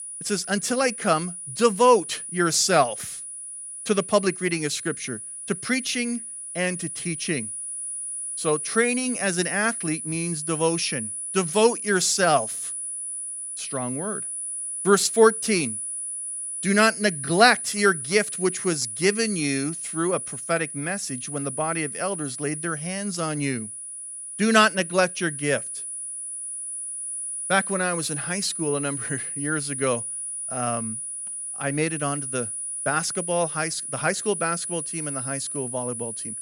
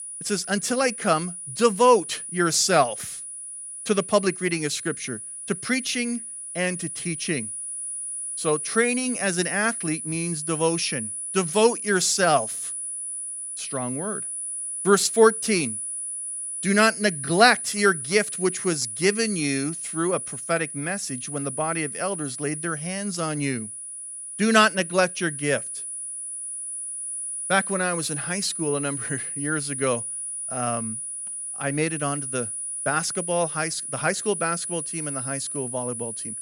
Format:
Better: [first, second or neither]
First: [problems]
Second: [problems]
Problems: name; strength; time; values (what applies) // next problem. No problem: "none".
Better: neither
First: high-pitched whine; loud; throughout; 10 kHz, 6 dB below the speech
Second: high-pitched whine; loud; throughout; 10 kHz, 6 dB below the speech